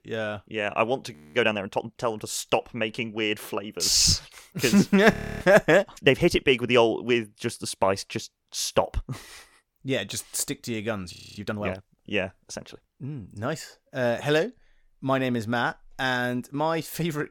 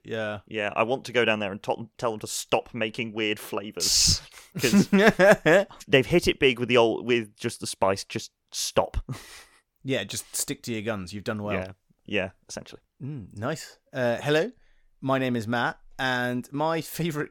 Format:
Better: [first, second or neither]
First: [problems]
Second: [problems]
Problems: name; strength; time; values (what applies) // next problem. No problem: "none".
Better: second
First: audio freezing; at 1 s, at 5 s and at 11 s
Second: none